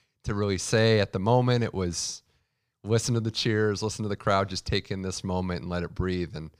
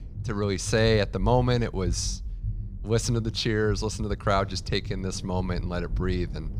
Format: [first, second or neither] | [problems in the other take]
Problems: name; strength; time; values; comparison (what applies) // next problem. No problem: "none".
first | low rumble; faint; throughout; 20 dB below the speech